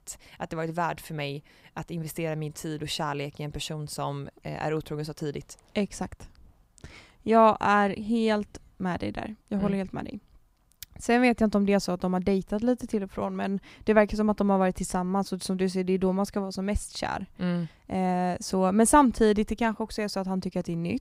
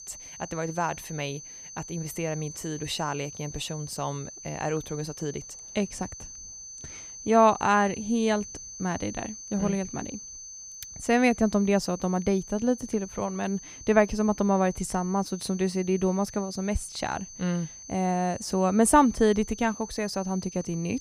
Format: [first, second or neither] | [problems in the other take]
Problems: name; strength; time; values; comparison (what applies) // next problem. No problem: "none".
first | high-pitched whine; noticeable; throughout; 6 kHz, 15 dB below the speech